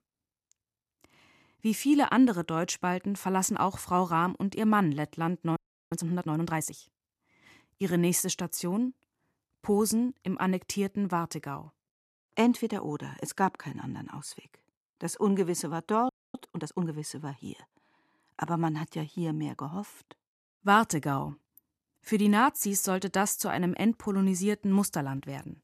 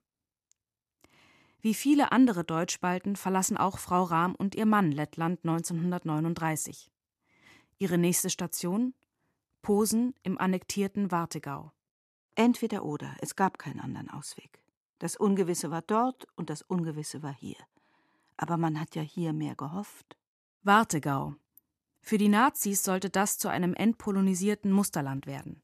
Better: second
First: audio freezing; at 5.5 s and at 16 s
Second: none

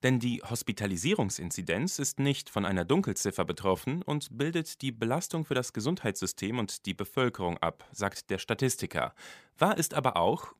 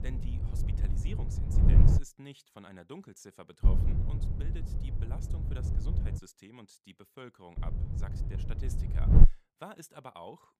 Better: first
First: none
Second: wind noise on the microphone; heavy; until 2 s, from 3.5 to 6 s and from 7.5 to 9 s; 5 dB above the speech

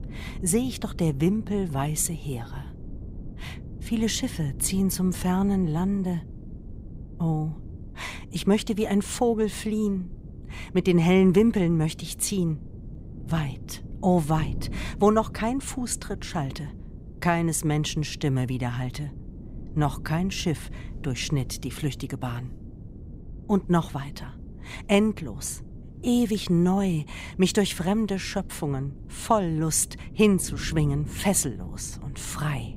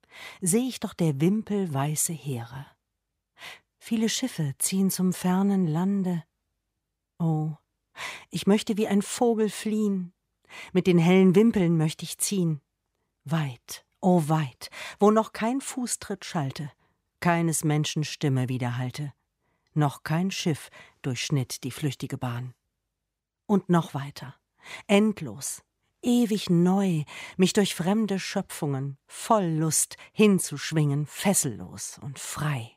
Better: second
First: wind noise on the microphone; occasional gusts; 20 dB below the speech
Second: none

